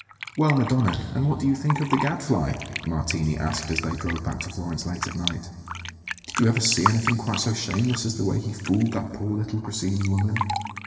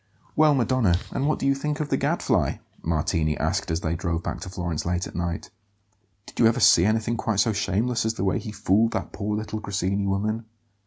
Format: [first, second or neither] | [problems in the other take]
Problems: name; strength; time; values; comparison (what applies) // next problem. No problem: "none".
second | background sound (Fill (with liquid)); 9 dB below the speech // room echo; dies away in 2.3 s